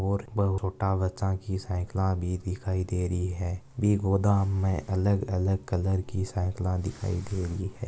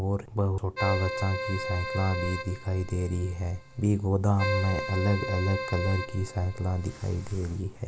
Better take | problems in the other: first | background sound (Keyboard (musical)); 7 dB below the speech

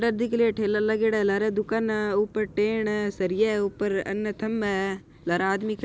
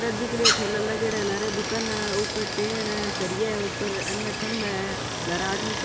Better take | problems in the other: first | background sound (Stream); as loud as the speech

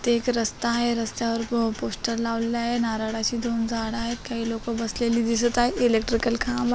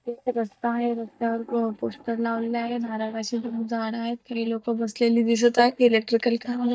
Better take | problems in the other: first | noise reduction (neural mask model DeepFilterNet 3)

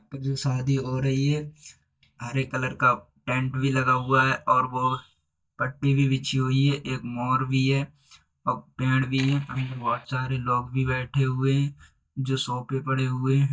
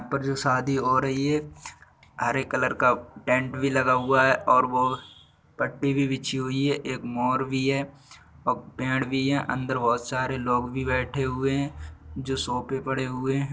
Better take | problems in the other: second | noise reduction (neural mask model DeepFilterNet 3)

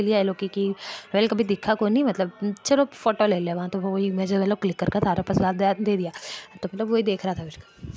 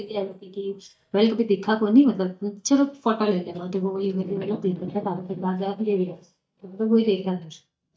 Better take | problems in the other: first | noise reduction (neural mask model DeepFilterNet 3)

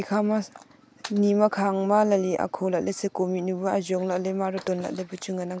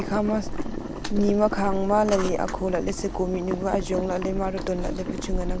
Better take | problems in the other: first | background sound (Boiling); 4 dB below the speech

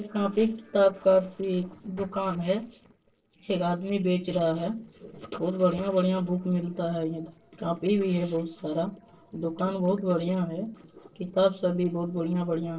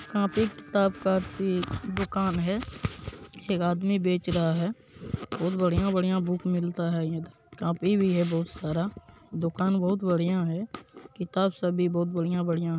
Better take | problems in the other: second | noise reduction (neural separator model SepFormer DNS4)

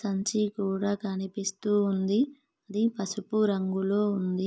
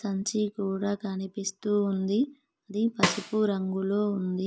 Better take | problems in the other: first | background sound (Snare drum); 5 dB below the speech

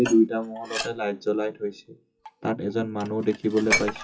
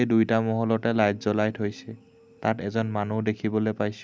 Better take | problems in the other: second | noise reduction (classical method WPE with log-MMSE)

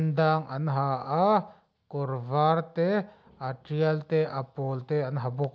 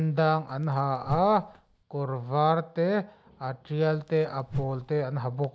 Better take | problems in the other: first | background sound (Whoosh, swoosh, swish); 12 dB below the speech

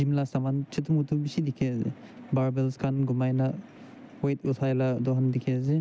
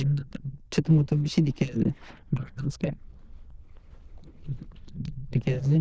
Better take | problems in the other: first | noise reduction (neural diffusion model UNIVERSE++)

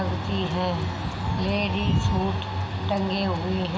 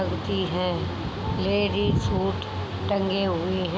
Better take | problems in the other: second | background sound (Cheering); 18 dB below the speech // room echo; dies away in 1.8 s

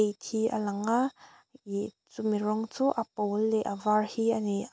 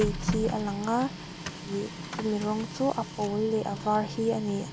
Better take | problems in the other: first | background sound (Printer); 6 dB below the speech

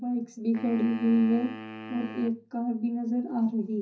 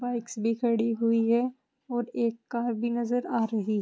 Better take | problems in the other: second | background sound (Wind instrument, woodwind instrument); 15 dB below the speech // room echo; dies away in 0.4 s

